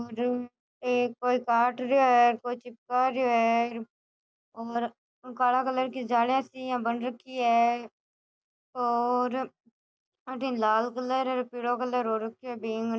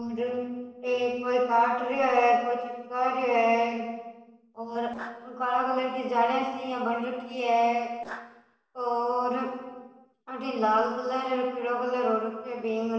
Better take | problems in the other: first | noise reduction (neural separator model SepFormer DNS4)

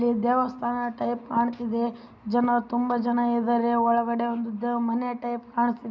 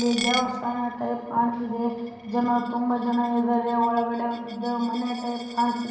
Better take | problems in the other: first | background sound (Coin (dropping)); 13 dB below the speech // room echo; dies away in 1.2 s

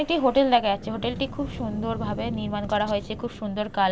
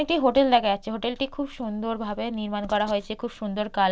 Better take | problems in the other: second | background sound (Wind); 11 dB below the speech

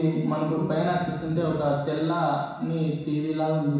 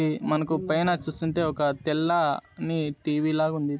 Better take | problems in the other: second | room echo; dies away in 1.1 s

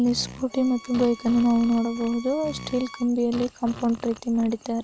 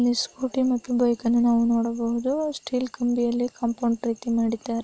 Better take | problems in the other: second | background sound (Bowed string instrument + Fart); 17 dB below the speech

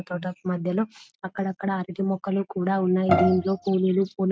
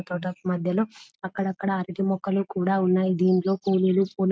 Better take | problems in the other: second | background sound (Bowed string instrument); 2 dB below the speech

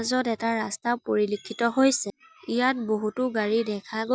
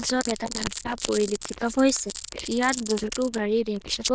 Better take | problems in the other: first | noise reduction (neural diffusion model UNIVERSE++)

